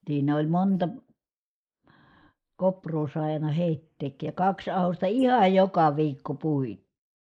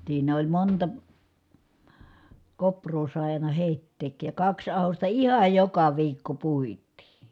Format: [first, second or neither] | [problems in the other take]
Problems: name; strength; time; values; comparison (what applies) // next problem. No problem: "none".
second | noise reduction (neural mask model Resemble Enhance denoiser)